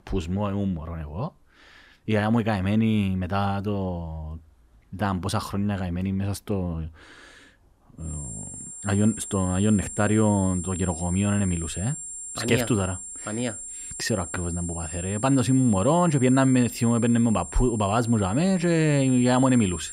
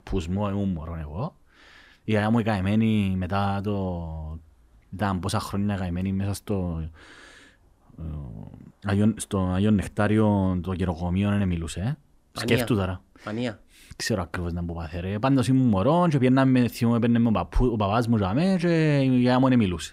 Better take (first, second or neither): second